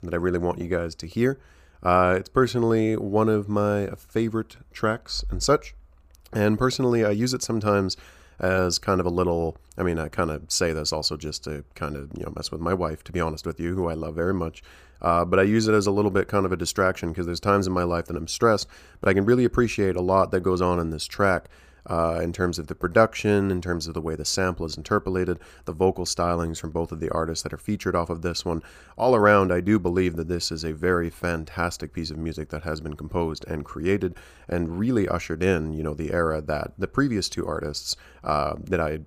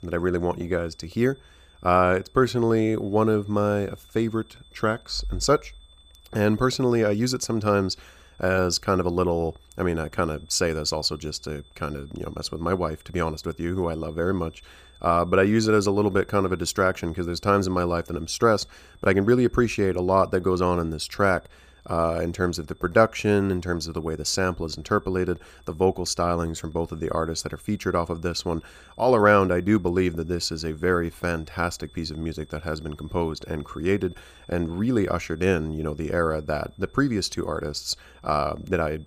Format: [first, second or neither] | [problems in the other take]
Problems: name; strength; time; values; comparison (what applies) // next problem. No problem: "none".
first | high-pitched whine; faint; throughout; 3.5 kHz, 30 dB below the speech